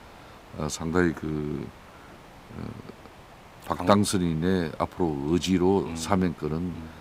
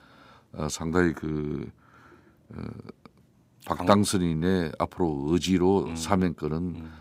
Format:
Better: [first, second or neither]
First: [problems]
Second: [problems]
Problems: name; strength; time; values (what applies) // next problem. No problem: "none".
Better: second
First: hiss; faint; throughout; 20 dB below the speech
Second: none